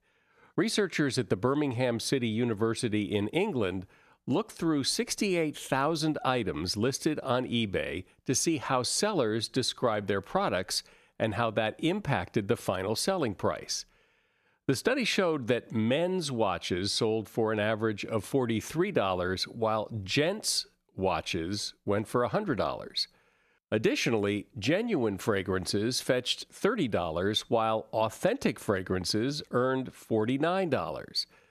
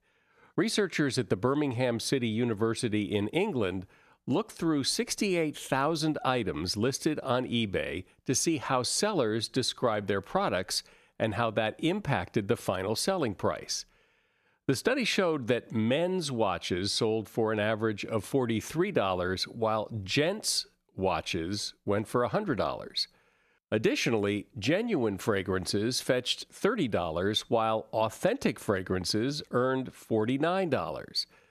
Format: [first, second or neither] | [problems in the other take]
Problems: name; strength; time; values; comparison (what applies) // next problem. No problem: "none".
neither | none